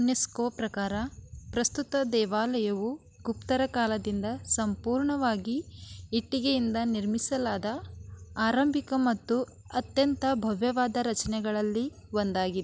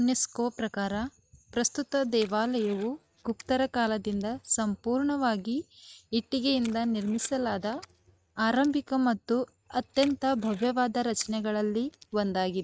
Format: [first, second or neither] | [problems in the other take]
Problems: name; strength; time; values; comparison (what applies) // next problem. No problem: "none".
first | noise reduction (neural mask model RNNoise)